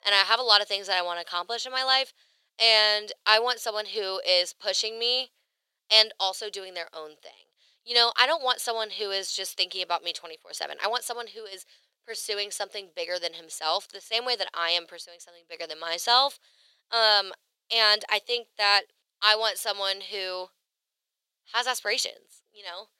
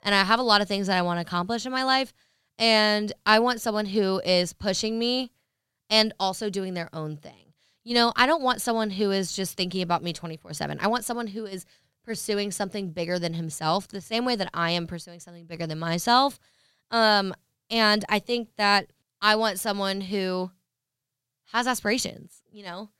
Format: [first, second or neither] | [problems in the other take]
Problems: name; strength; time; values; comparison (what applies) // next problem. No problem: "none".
second | thin; very; fading below 500 Hz